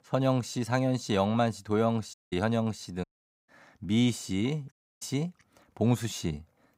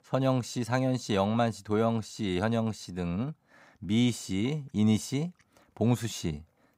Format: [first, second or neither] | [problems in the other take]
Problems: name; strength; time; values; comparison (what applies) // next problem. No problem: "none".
second | audio cutting out; at 2 s, at 3 s and at 4.5 s